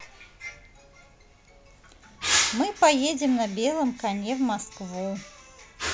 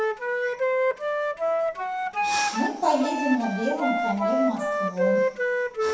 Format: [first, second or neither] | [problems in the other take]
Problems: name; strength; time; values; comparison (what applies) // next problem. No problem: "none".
first | background sound (Wind instrument, woodwind instrument); 3 dB above the speech // room echo; dies away in 0.7 s